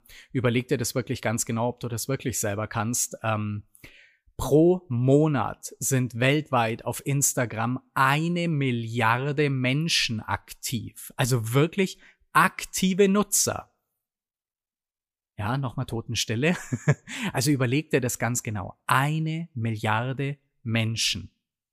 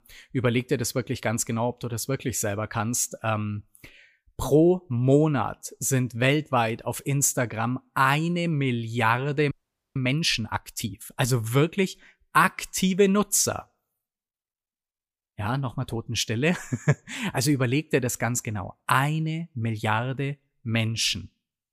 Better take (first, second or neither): first